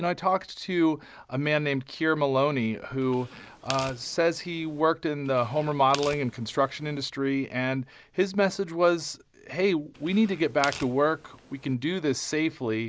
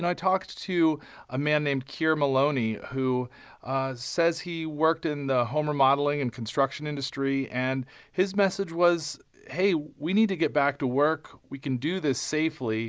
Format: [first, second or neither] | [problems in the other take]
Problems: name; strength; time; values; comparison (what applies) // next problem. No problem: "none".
second | background sound (Tearing); 16 dB below the speech